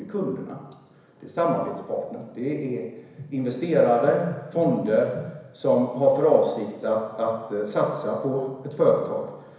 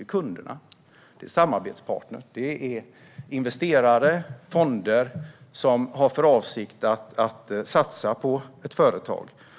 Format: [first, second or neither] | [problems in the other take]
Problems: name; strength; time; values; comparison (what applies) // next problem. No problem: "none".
second | room echo; dies away in 1 s